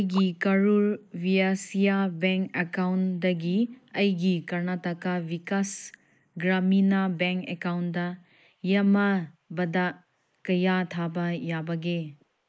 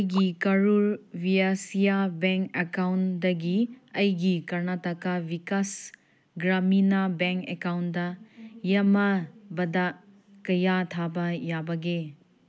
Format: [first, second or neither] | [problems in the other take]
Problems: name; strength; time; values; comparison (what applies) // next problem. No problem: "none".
second | noise reduction (neural mask model Resemble Enhance denoiser)